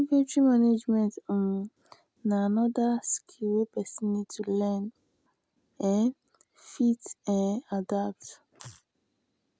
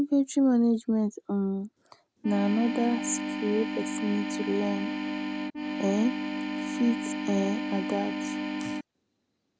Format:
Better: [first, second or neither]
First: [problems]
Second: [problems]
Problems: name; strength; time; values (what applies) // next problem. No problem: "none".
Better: first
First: none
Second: background sound (Organ); 3 dB below the speech